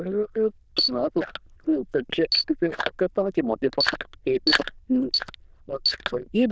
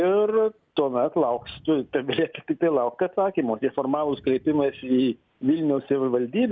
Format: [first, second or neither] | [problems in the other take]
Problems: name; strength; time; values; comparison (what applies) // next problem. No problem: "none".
second | noise reduction (neural diffusion model UNIVERSE++)